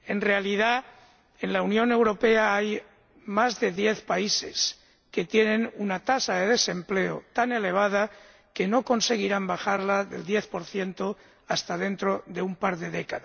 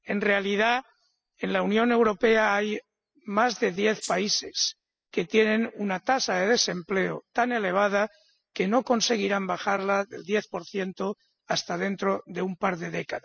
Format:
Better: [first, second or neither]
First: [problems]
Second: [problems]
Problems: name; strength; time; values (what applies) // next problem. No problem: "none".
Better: first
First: none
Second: noise reduction (classical method spectral subtraction)